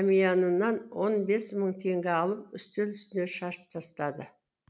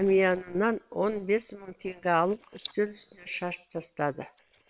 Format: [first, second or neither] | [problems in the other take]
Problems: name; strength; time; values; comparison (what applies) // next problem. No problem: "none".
first | noise reduction (neural separator model SepFormer WHAM!)